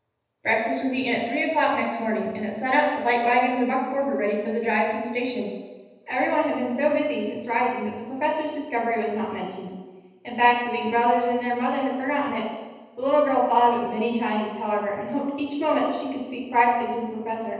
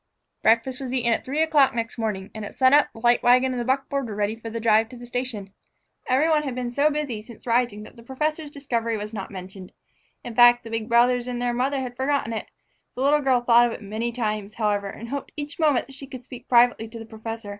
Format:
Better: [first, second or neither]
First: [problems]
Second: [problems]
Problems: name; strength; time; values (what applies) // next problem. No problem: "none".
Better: second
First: room echo; dies away in 1.1 s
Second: none